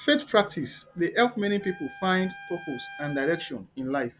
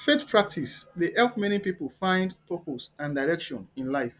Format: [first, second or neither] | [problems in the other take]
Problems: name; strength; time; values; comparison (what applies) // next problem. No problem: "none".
second | background sound (Trumpet); 18 dB below the speech